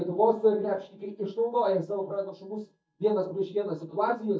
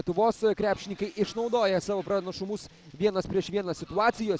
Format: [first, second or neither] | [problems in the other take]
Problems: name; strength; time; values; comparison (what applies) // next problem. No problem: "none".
second | noise reduction (neural mask model DeepFilterNet 3)